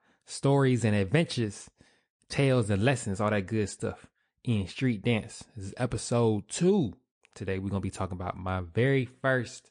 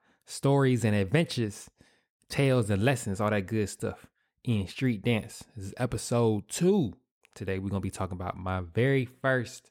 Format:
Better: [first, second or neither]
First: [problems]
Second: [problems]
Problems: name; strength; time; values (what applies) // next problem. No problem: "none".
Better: second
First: garbled, watery; slightly; nothing above 9.5 kHz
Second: none